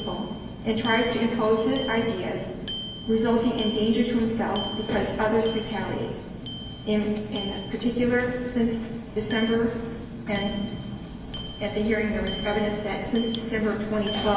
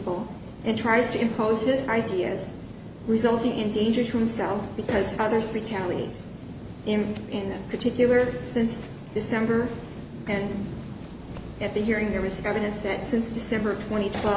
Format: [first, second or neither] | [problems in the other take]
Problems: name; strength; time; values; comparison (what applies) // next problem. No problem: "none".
second | background sound (Bicycle bell); 15 dB below the speech // room echo; dies away in 1.2 s